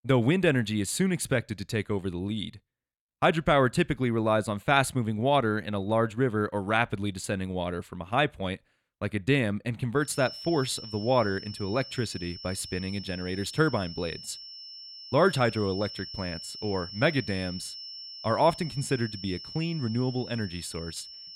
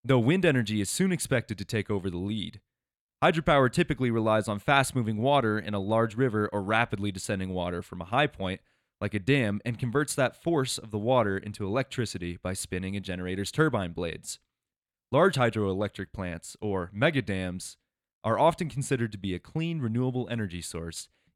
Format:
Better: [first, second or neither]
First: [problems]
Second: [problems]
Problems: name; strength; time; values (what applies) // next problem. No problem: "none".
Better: second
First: high-pitched whine; noticeable; from 10 s on; 5.5 kHz, 10 dB below the speech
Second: none